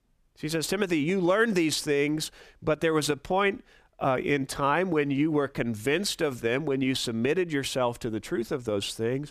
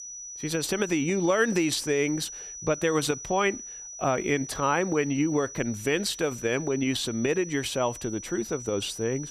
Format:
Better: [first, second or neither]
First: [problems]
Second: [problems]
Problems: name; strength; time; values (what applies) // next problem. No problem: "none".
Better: first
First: none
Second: high-pitched whine; noticeable; throughout; 6 kHz, 10 dB below the speech